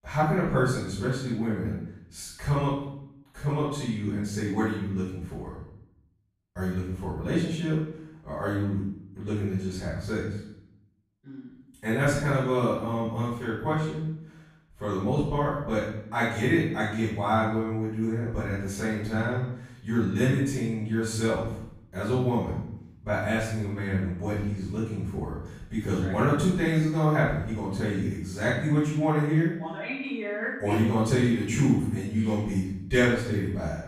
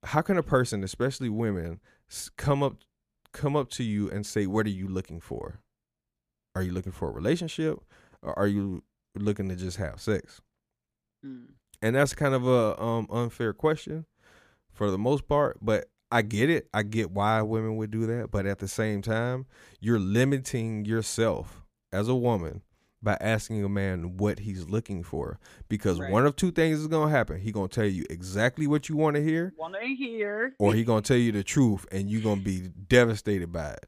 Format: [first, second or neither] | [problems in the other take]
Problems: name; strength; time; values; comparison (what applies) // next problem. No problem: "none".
second | off-mic speech; far // room echo; strong; dies away in 0.7 s